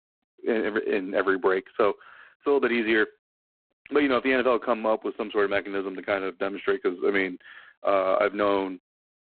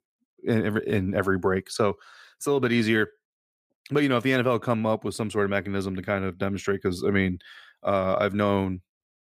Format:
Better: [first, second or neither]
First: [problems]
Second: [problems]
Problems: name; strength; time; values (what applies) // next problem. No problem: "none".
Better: second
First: phone-call audio; poor line; nothing above 4 kHz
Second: none